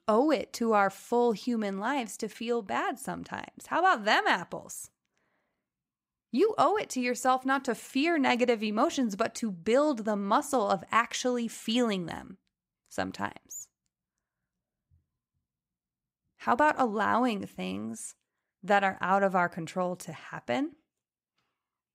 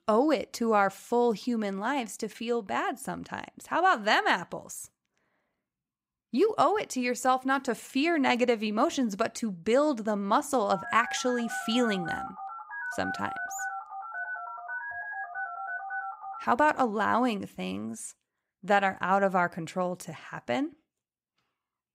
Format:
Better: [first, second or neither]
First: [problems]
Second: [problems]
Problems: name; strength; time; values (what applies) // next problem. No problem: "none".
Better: first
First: none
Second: phone ringing; noticeable; from 11 to 16 s; peak 7 dB below the speech